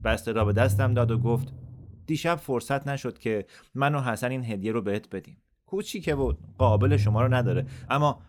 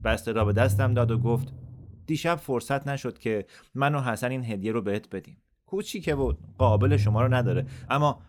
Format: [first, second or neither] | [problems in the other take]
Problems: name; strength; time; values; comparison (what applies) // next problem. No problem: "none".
neither | low rumble; noticeable; until 3.5 s and from 5.5 s on; 10 dB below the speech; the same in both